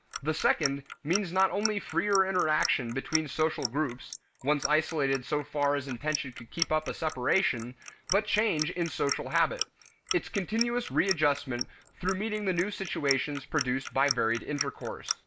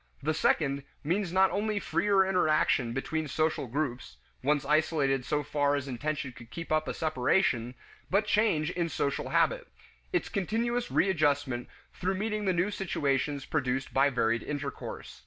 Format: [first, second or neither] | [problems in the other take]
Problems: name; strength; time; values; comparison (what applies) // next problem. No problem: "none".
second | noise reduction (neural mask model Resemble Enhance denoiser)